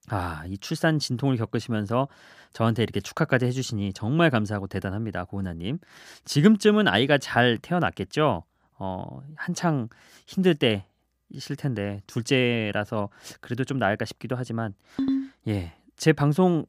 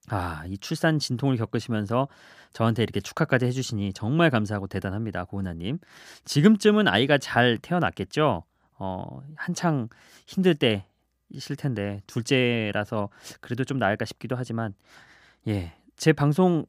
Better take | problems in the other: second | phone ringing; noticeable; at 15 s; peak 2 dB below the speech

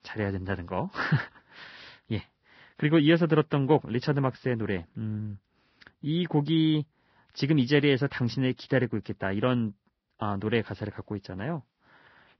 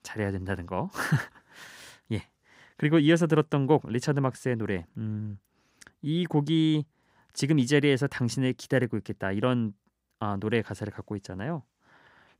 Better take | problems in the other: second | garbled, watery; badly; nothing above 5.5 kHz

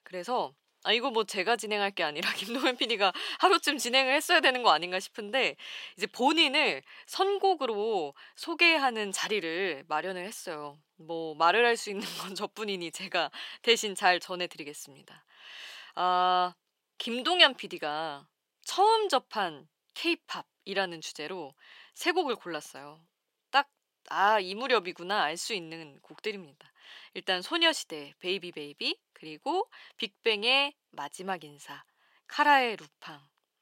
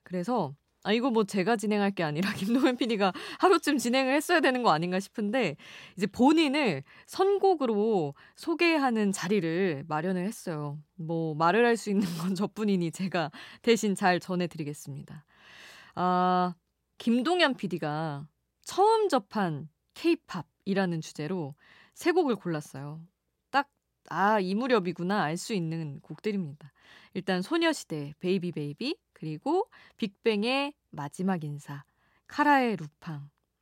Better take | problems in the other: second | thin; somewhat; fading below 500 Hz

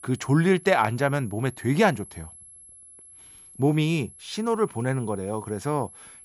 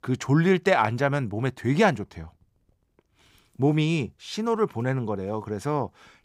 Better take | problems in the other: second | high-pitched whine; faint; throughout; 11 kHz, 20 dB below the speech

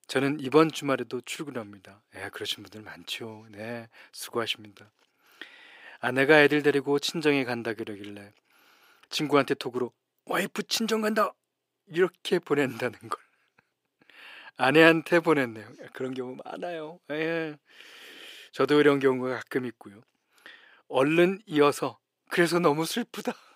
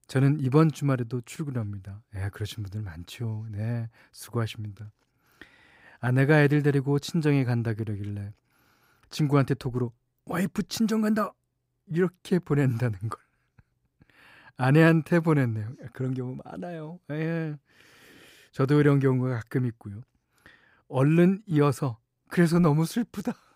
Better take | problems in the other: second | thin; somewhat; fading below 400 Hz

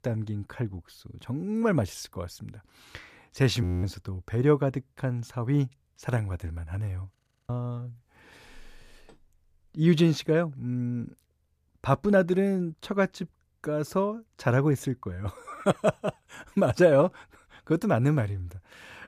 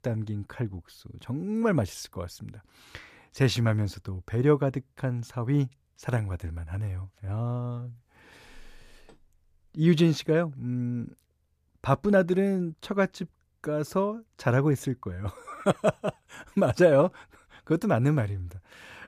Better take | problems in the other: second | audio freezing; at 3.5 s and at 7 s

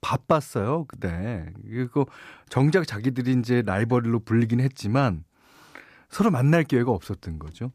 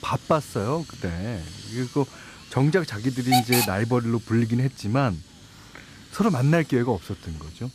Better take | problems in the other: first | hiss; loud; throughout; 5 dB below the speech

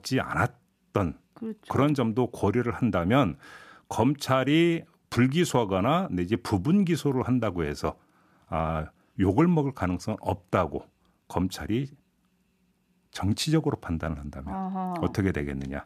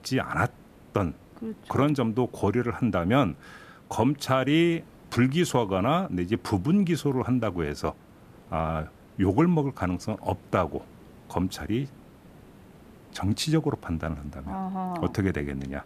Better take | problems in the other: first | hiss; faint; throughout; 25 dB below the speech

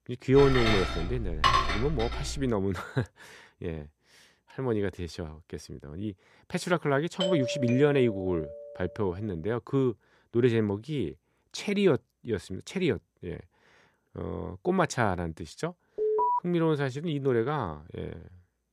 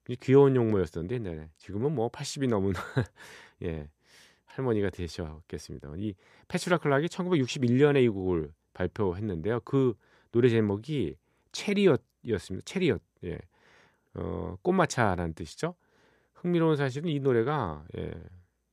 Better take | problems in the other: second | clattering dishes; loud; until 2.5 s; peak 5 dB above the speech // doorbell; noticeable; from 7 to 9 s; peak 1 dB below the speech // alarm; loud; at 16 s; peak 3 dB above the speech

